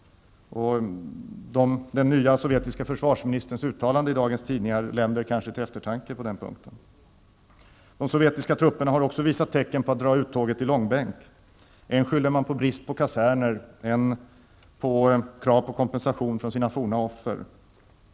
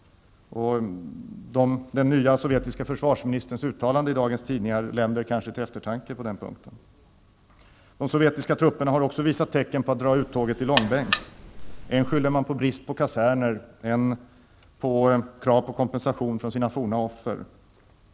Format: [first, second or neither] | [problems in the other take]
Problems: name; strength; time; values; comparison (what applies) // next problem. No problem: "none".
first | background sound (Alarm); 6 dB below the speech